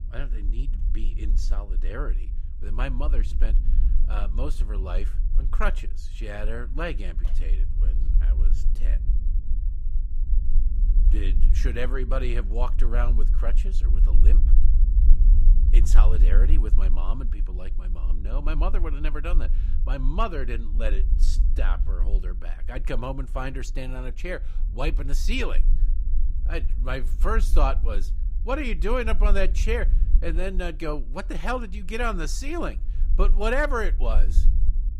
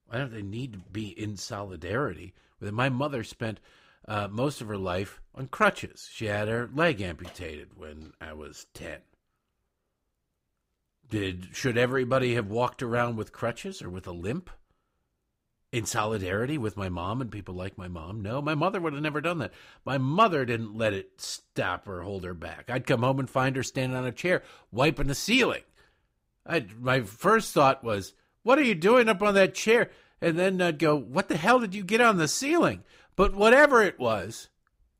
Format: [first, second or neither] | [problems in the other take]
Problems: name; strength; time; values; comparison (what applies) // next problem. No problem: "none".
second | low rumble; noticeable; throughout; 15 dB below the speech